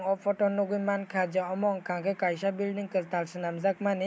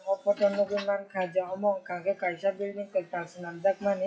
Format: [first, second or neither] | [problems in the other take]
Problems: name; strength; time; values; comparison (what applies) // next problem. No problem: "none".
first | noise reduction (classical method WPE with log-MMSE)